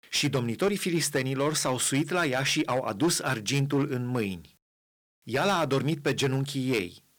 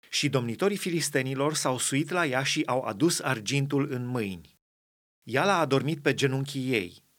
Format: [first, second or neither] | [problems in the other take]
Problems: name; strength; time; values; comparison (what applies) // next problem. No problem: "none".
second | distortion; slight; 5% of the sound clipped